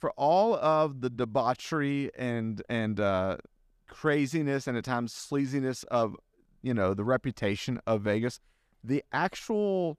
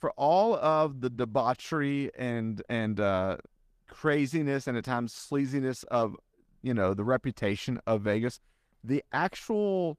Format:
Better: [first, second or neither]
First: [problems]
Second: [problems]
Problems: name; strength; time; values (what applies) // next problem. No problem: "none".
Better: first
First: none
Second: garbled, watery; slightly; nothing above 14.5 kHz